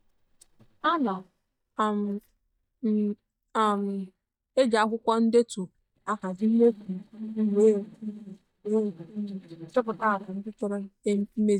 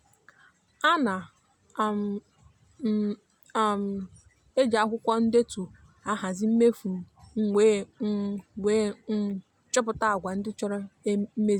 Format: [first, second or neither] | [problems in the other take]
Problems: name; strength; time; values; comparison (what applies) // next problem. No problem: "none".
second | noise reduction (neural mask model DeepFilterNet 3)